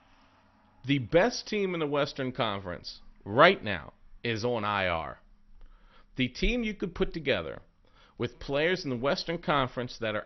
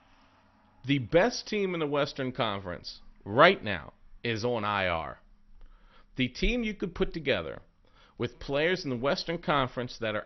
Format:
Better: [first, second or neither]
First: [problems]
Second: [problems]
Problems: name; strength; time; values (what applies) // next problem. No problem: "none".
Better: neither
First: garbled, watery; slightly; nothing above 6 kHz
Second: garbled, watery; slightly; nothing above 6 kHz